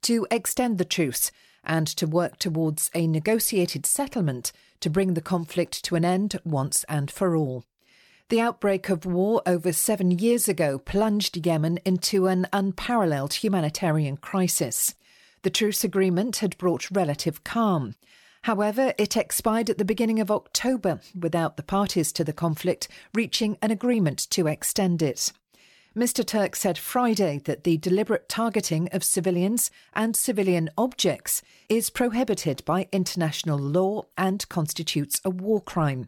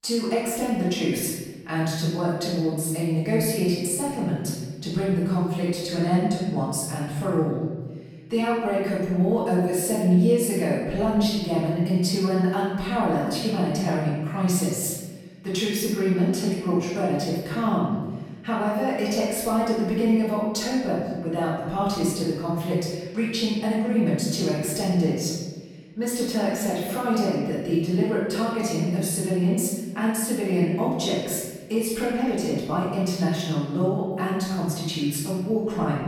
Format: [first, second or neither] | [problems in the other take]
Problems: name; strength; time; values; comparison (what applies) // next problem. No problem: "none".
first | off-mic speech; far // room echo; strong; dies away in 1.3 s